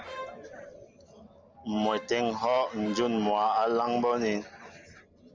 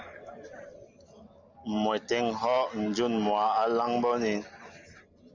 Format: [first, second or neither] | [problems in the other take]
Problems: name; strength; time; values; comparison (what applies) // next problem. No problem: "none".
second | background sound (Bowed string instrument); 14 dB below the speech